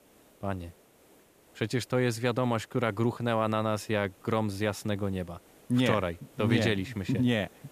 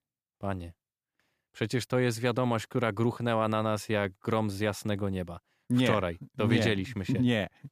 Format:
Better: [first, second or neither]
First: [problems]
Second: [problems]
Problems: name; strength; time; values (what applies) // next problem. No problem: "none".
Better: second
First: hiss; faint; throughout; 30 dB below the speech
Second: none